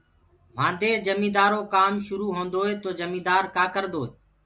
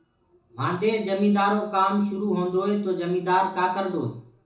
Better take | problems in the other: first | room echo; dies away in 0.6 s

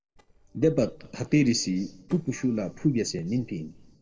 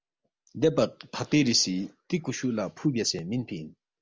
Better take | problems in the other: second | noise reduction (neural separator model SepFormer DNS4)

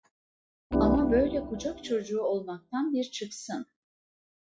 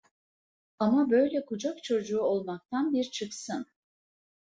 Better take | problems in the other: second | noise reduction (classical method log-MMSE)

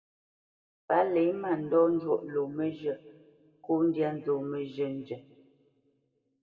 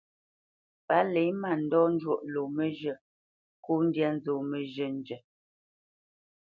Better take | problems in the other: second | room echo; dies away in 1.1 s

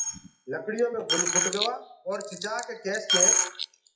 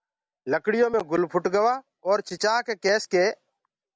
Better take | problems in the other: second | noise reduction (classical method WPE with log-MMSE)

